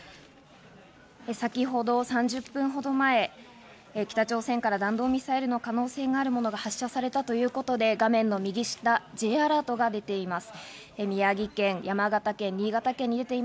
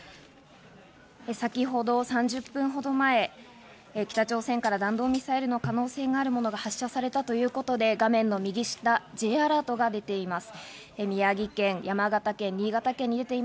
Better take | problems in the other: first | background sound (Hi-hat); 15 dB below the speech

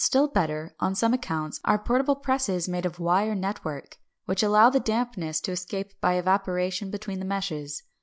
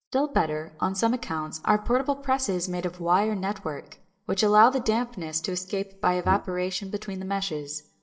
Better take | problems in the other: first | noise reduction (neural mask model DeepFilterNet 3)

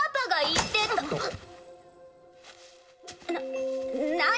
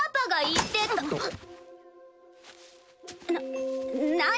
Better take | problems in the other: second | room echo; dies away in 1 s

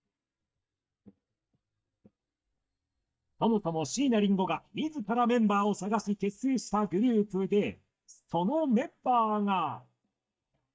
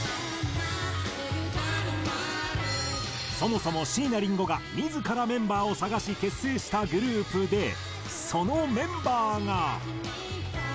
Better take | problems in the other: second | noise reduction (neural mask model DeepFilterNet 3)

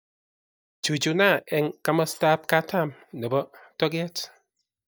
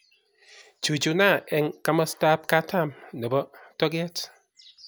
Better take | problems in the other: second | noise reduction (neural mask model DeepFilterNet 3)

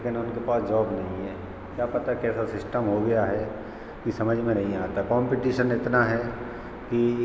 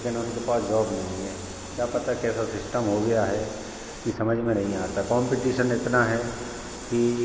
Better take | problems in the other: first | background sound (Hiss); 17 dB below the speech

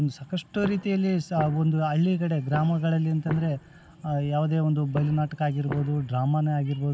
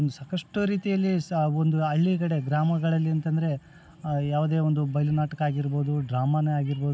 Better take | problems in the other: second | background sound (Walk, footsteps); 15 dB below the speech

